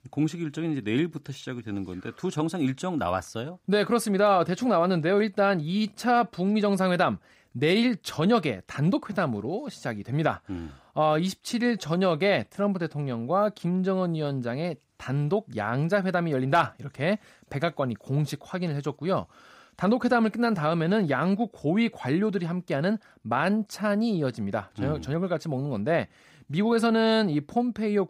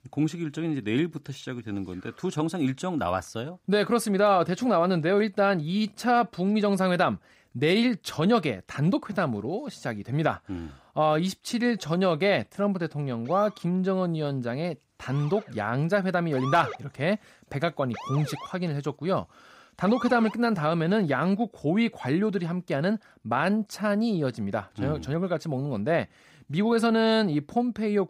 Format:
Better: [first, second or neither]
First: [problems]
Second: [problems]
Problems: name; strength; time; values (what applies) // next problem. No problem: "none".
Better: first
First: none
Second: siren; noticeable; from 13 to 20 s; peak 8 dB below the speech